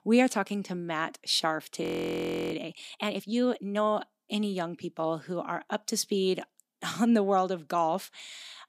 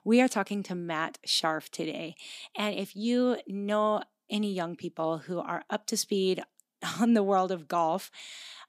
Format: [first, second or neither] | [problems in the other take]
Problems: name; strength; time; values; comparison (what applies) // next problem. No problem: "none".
second | audio freezing; at 2 s for 0.5 s